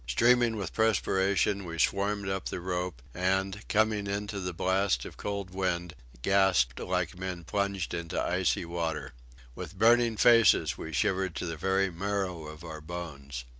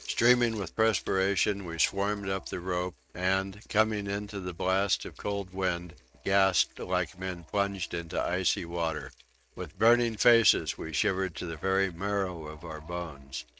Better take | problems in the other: first | noise reduction (neural mask model RNNoise)

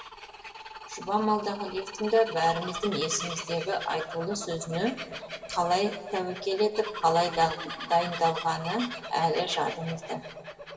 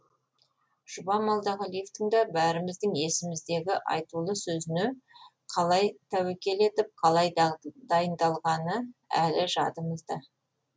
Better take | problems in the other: second | background sound (Bird vocalization, bird call, bird song); 11 dB below the speech // room echo; dies away in 1.8 s

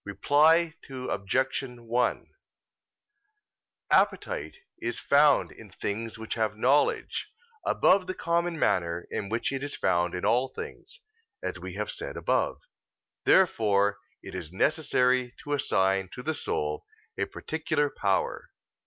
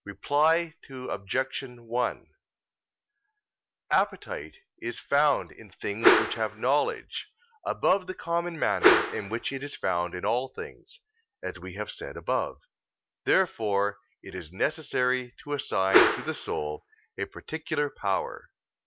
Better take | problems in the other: first | background sound (Whoosh, swoosh, swish); 4 dB above the speech

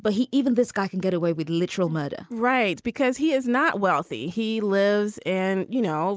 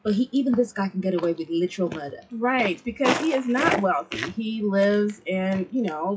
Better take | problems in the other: first | noise reduction (classical method WPE with log-MMSE)

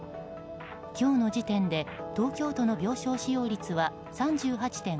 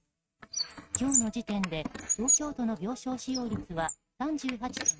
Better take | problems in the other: first | noise reduction (neural mask model RNNoise)

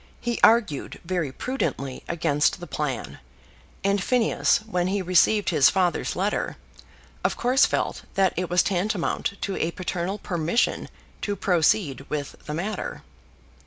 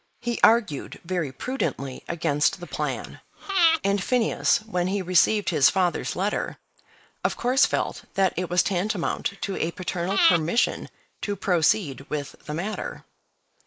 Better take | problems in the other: first | noise reduction (neural mask model Resemble Enhance denoiser)

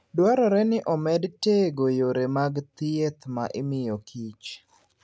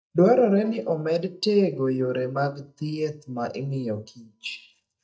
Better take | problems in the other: first | noise reduction (neural mask model DeepFilterNet 3)

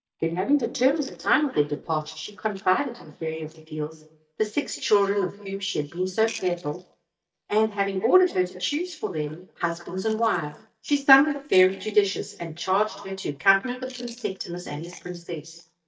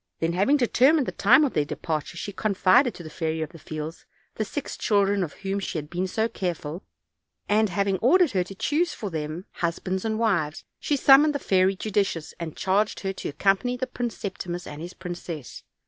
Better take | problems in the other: second | noise reduction (neural mask model DeepFilterNet 3)

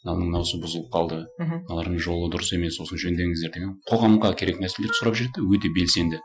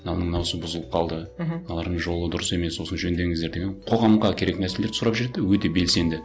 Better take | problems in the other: second | noise reduction (classical method Wiener filter)

